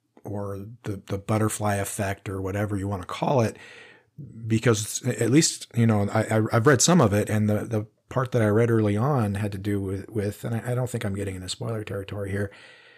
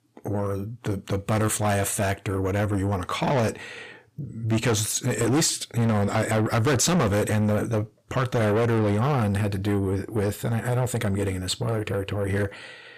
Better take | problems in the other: first | distortion; heavy; 7 dB below the speech

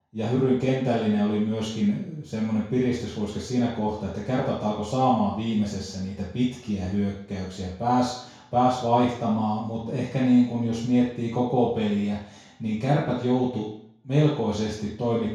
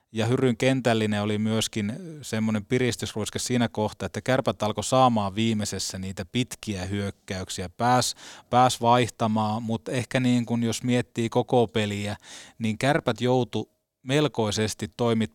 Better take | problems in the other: second | room echo; noticeable; dies away in 0.6 s // off-mic speech; far

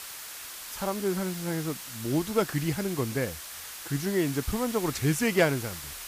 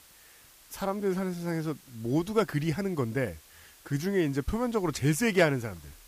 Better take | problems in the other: second | hiss; loud; throughout; 9 dB below the speech; faint in the second

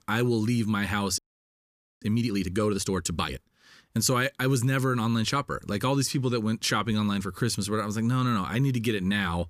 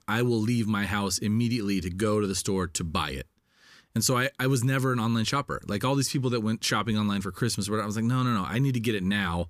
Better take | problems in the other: second | audio freezing; at 1 s for 1 s

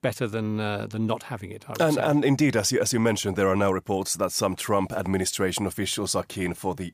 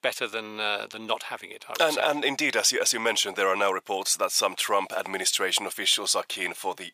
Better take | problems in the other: first | thin; very; fading below 600 Hz

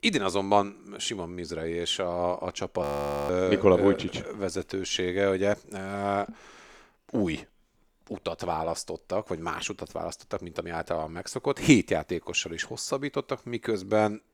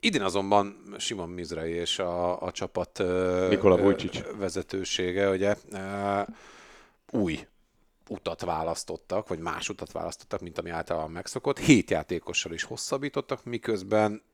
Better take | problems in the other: second | audio freezing; at 3 s

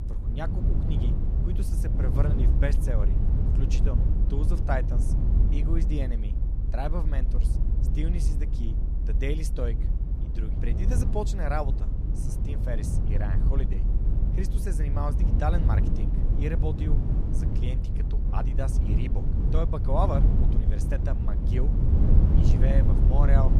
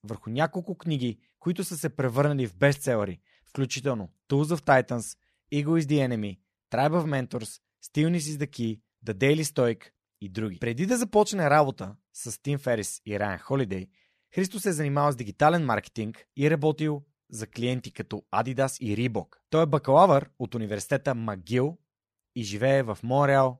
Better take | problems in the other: second | low rumble; loud; throughout; 4 dB below the speech

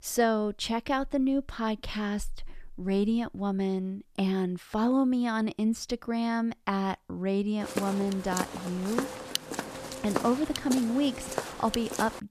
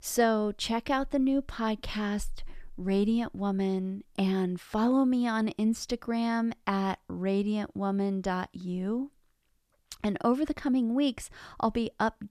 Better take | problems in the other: second | footsteps; noticeable; from 7.5 s on; peak 3 dB below the speech

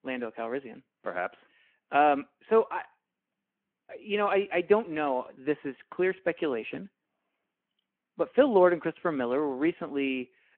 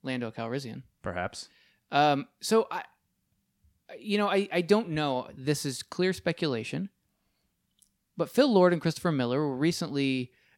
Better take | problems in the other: second | phone-call audio

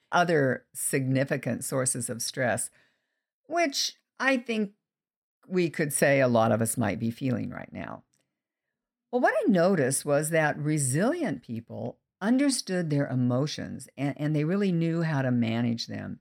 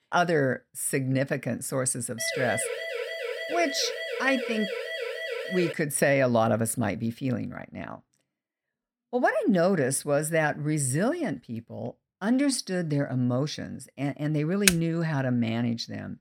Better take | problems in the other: first | siren; noticeable; from 2 to 5.5 s; peak 4 dB below the speech // keyboard typing; very faint; at 15 s; peak 3 dB above the speech

